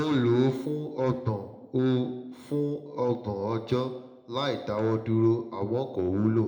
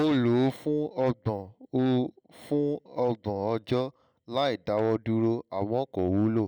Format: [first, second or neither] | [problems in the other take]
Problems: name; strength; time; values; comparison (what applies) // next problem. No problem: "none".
second | room echo; dies away in 0.6 s